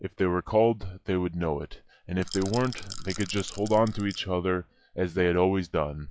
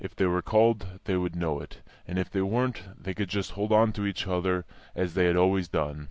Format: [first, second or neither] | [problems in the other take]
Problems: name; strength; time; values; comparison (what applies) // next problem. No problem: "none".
second | noise reduction (classical method log-MMSE)